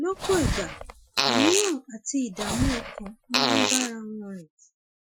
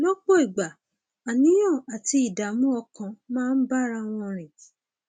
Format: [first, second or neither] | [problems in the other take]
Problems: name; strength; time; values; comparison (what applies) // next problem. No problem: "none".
second | noise reduction (classical method Wiener filter)